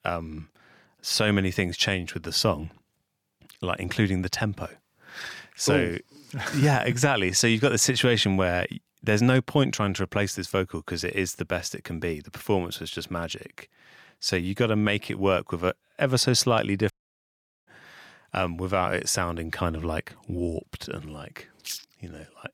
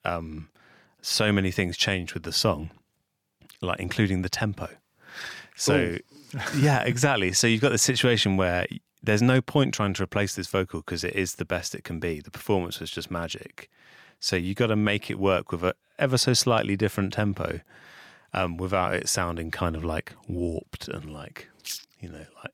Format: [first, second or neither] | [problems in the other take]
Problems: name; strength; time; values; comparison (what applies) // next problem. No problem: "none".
second | audio cutting out; at 17 s for 1 s